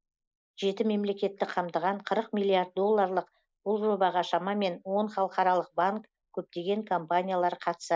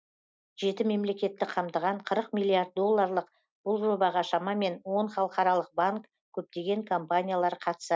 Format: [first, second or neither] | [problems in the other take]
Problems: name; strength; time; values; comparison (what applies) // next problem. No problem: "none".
second | noise reduction (neural mask model Resemble Enhance denoiser)